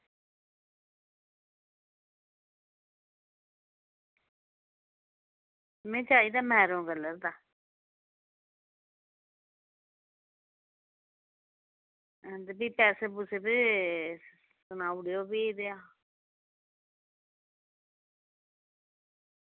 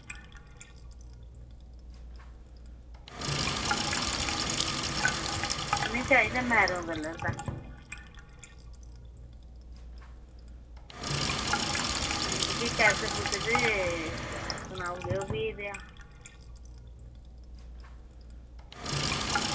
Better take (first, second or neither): first